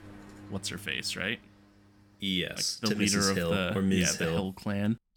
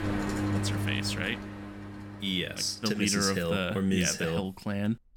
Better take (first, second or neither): first